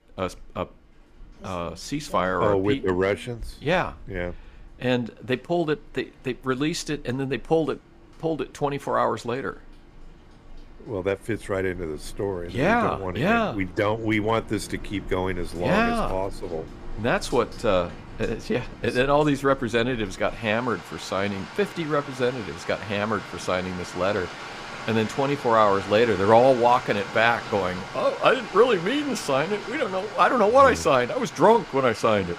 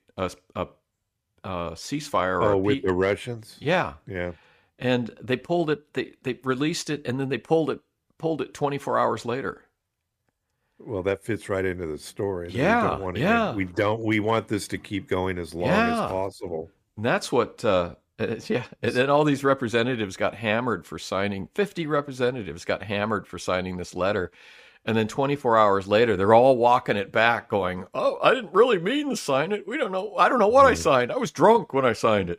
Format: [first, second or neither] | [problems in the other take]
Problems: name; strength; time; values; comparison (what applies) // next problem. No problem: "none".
second | rain or running water; noticeable; throughout; 15 dB below the speech